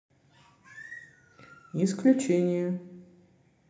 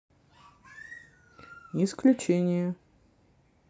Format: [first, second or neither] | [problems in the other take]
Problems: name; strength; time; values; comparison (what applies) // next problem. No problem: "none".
second | room echo; dies away in 0.8 s